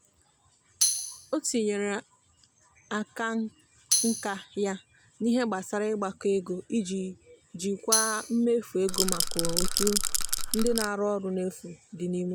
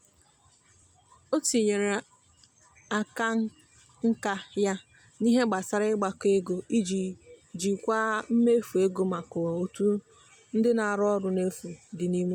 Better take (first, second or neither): second